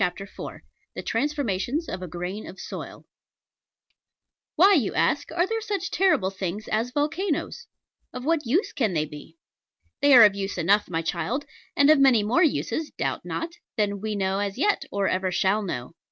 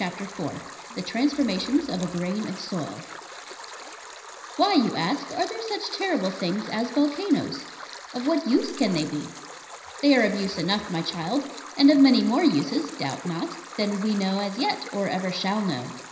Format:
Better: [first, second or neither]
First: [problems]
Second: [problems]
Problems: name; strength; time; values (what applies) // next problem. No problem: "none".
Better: first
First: none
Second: background sound (Stream); 15 dB below the speech // room echo; dies away in 0.9 s